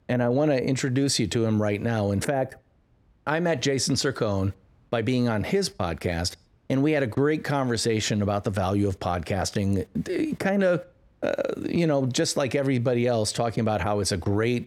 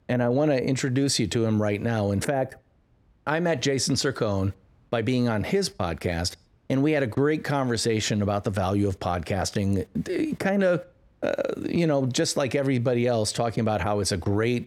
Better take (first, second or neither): neither